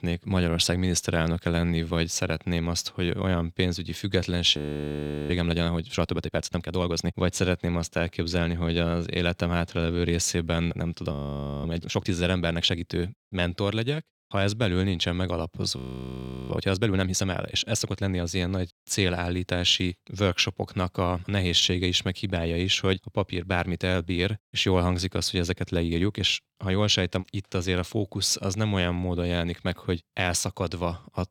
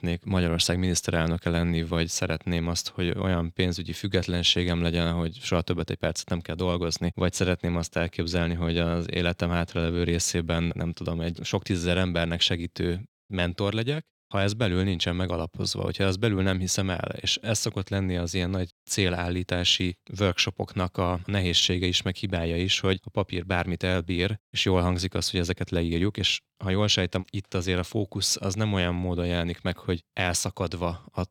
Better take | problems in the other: second | audio freezing; at 4.5 s for 0.5 s, at 11 s for 0.5 s and at 16 s for 0.5 s

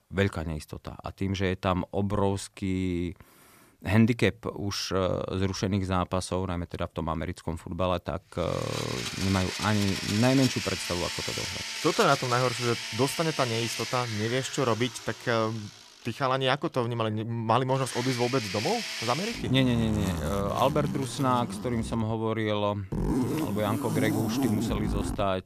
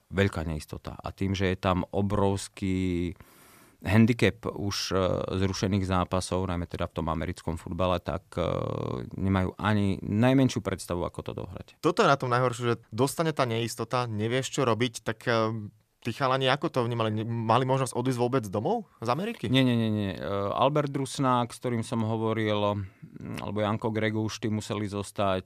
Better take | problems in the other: second | household noises; loud; from 8.5 s on; 4 dB below the speech

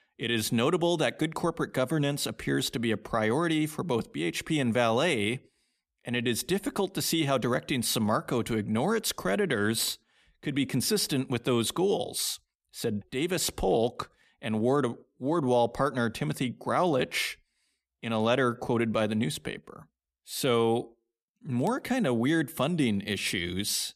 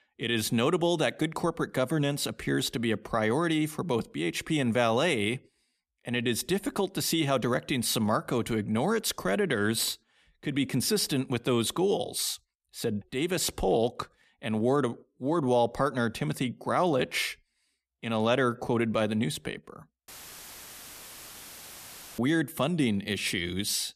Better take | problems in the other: first | audio cutting out; filled with static; at 20 s for 2 s

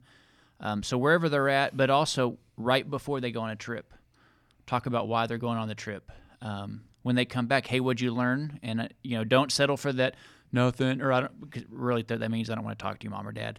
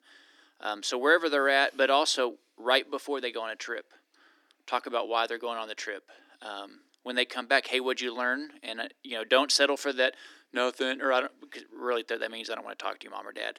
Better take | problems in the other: first | thin; somewhat; fading below 300 Hz

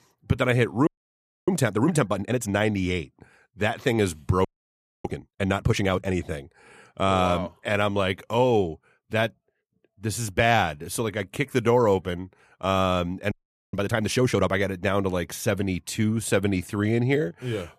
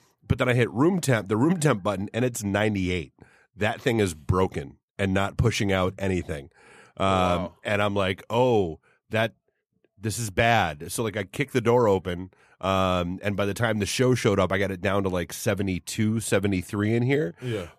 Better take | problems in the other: second | audio freezing; at 1 s for 0.5 s, at 4.5 s for 0.5 s and at 13 s

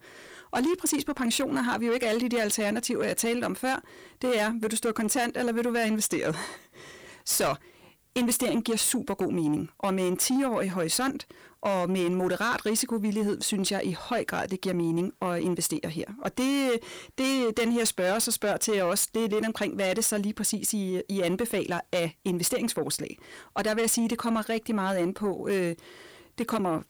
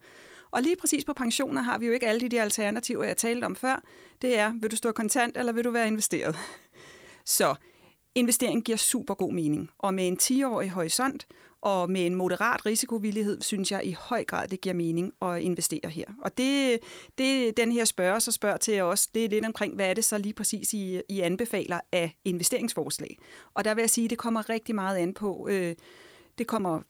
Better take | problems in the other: second | distortion; slight; 10 dB below the speech

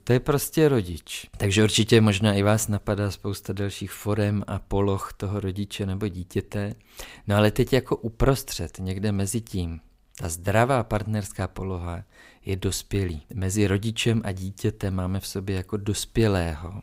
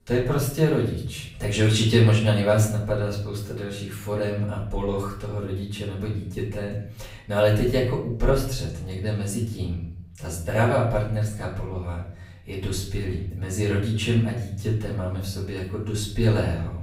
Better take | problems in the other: first | room echo; noticeable; dies away in 0.7 s // off-mic speech; far

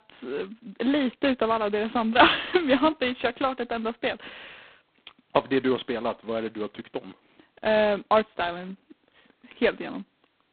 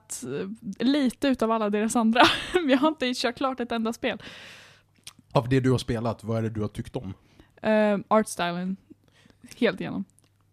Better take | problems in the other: second | phone-call audio; poor line; nothing above 4 kHz

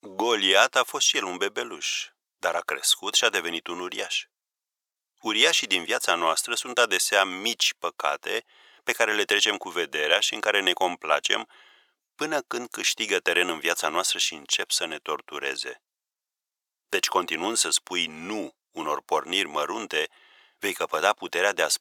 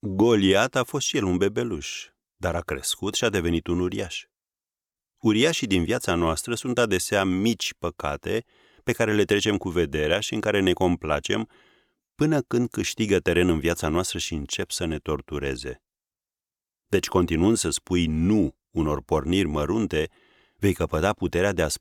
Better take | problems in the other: second | thin; very; fading below 800 Hz

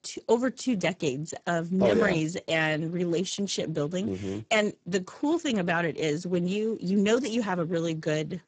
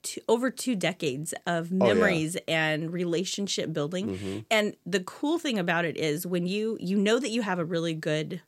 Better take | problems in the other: second | garbled, watery; badly; nothing above 7.5 kHz

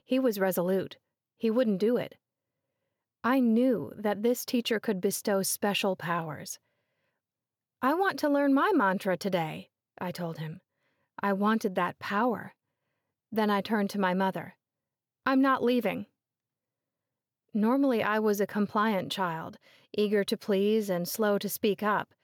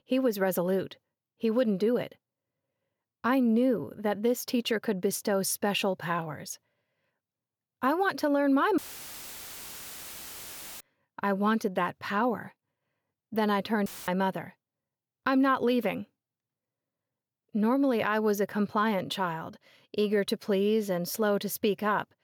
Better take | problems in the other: first | audio cutting out; filled with static; at 9 s for 2 s and at 14 s

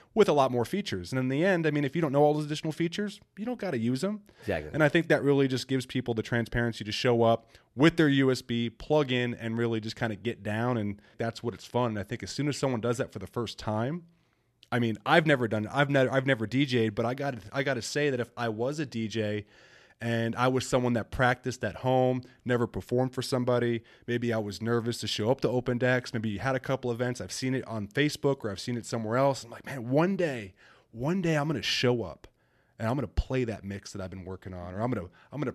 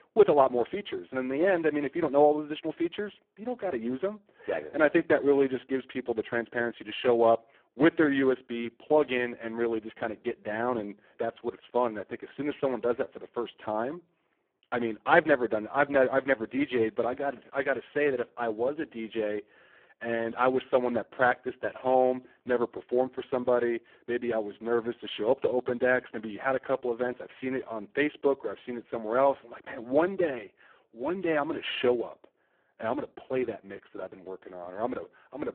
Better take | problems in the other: first | phone-call audio; poor line

